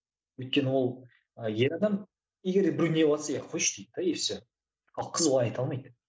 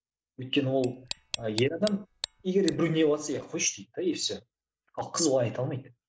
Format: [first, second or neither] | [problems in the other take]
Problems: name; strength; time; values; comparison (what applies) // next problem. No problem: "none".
first | background sound (Tick); 12 dB below the speech